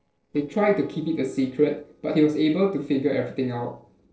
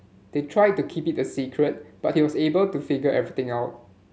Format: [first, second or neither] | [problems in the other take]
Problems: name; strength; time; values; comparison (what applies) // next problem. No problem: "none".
second | noise reduction (neural separator model SepFormer DNS4)